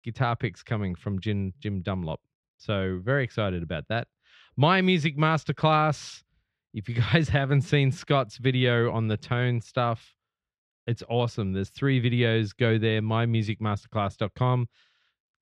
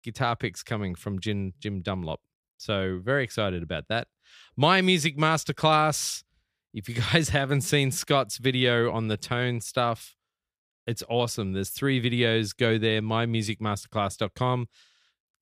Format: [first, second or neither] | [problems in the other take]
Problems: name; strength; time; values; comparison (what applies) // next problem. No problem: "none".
second | muffled; slightly; fading above 3.5 kHz